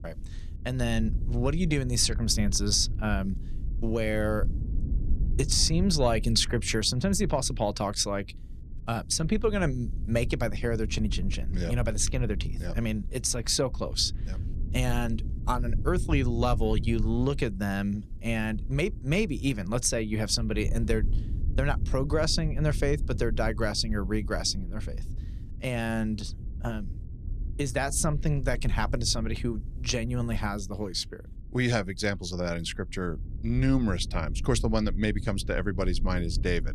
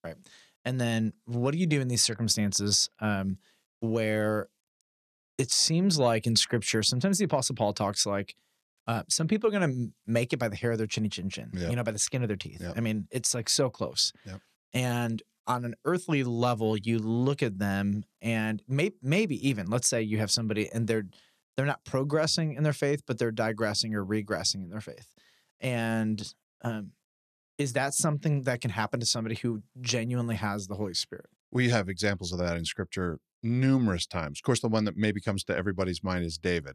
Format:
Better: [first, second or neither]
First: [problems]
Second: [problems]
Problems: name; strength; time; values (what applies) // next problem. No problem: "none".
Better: second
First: low rumble; noticeable; throughout; 20 dB below the speech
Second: none